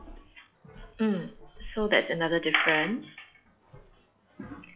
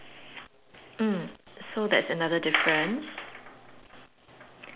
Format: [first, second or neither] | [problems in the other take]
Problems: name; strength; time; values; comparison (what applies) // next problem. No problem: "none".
second | noise reduction (classical method log-MMSE)